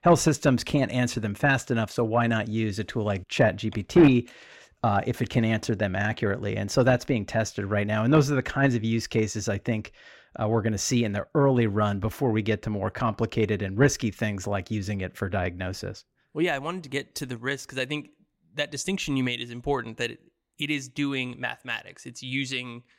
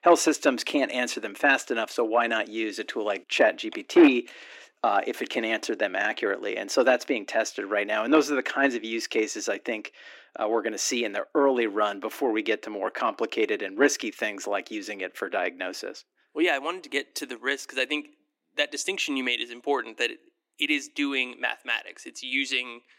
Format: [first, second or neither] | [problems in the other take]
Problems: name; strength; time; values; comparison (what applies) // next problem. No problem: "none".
first | thin; somewhat; fading below 300 Hz